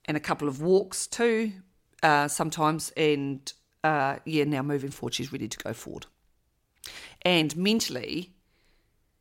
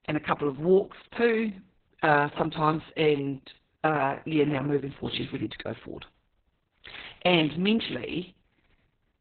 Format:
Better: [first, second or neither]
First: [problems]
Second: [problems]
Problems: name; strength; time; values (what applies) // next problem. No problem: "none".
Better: first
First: none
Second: garbled, watery; badly; nothing above 4 kHz